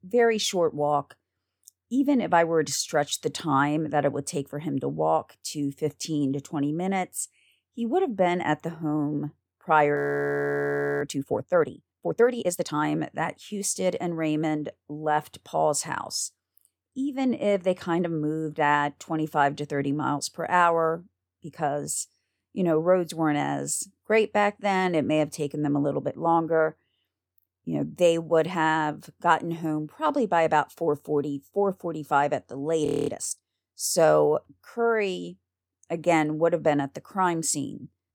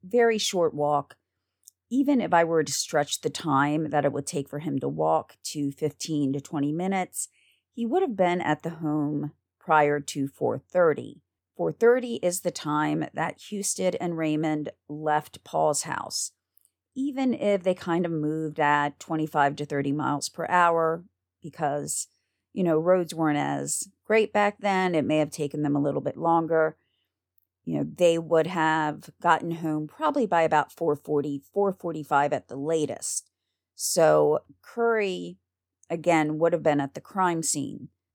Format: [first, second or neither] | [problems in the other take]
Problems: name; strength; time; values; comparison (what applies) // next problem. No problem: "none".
second | audio freezing; at 10 s for 1 s and at 33 s